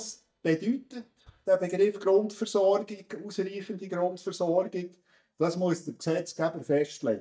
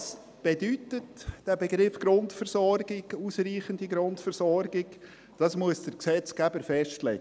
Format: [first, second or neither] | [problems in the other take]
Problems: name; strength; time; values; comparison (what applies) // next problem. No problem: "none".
second | noise reduction (neural mask model DeepFilterNet 3)